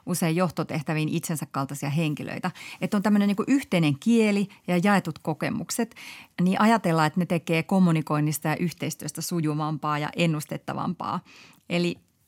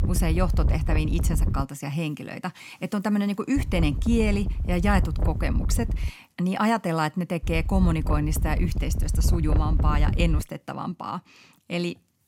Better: first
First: none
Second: wind noise on the microphone; occasional gusts; until 1.5 s, from 3.5 to 6 s and from 7.5 to 10 s; 10 dB below the speech

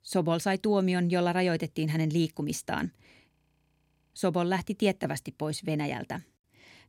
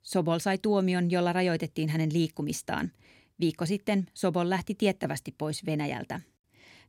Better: second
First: audio freezing; at 3.5 s for 1 s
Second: none

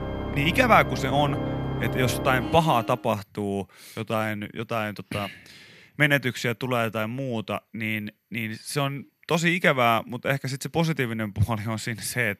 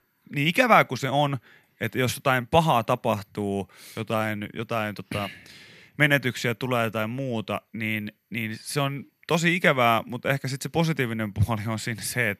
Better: second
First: background music; loud; until 3 s; 5 dB below the speech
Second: none

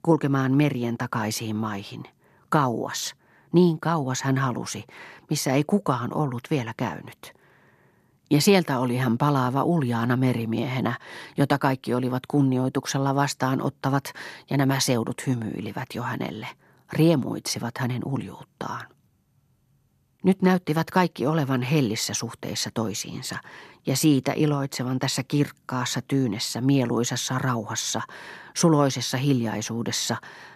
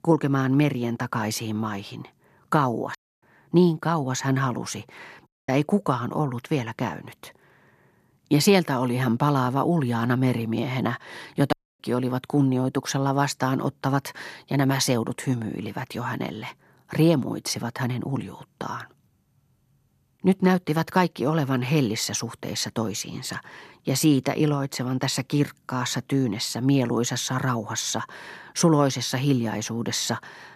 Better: first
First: none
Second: audio cutting out; at 3 s, at 5.5 s and at 12 s

